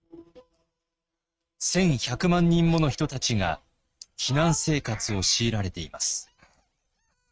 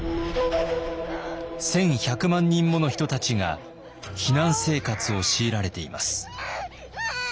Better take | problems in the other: second | noise reduction (neural mask model RNNoise)

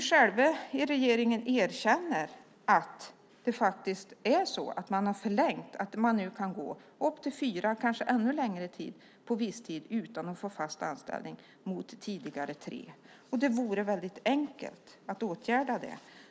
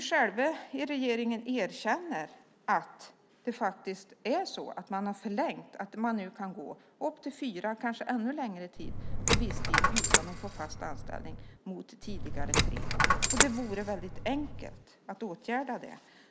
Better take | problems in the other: first | background sound (Coin (dropping)); 5 dB above the speech

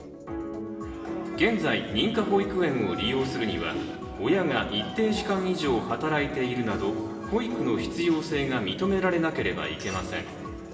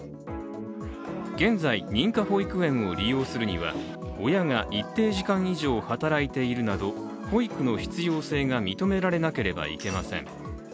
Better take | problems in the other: second | room echo; dies away in 2.8 s

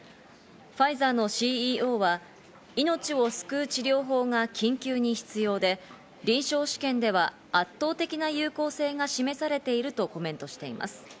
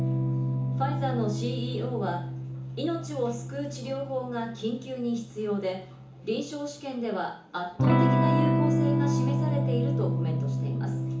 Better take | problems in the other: first | background sound (Electric guitar / Strum); 5 dB above the speech // room echo; dies away in 0.8 s

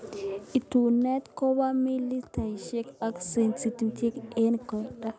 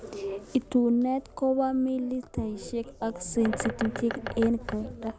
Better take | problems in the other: first | background sound (Bird); 13 dB below the speech

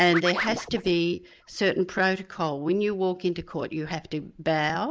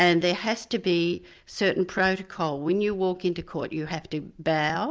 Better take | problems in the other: second | noise reduction (neural mask model Resemble Enhance denoiser)

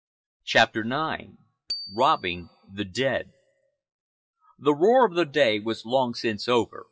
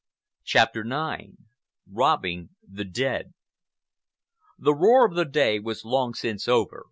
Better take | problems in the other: second | noise reduction (classical method WPE with log-MMSE)

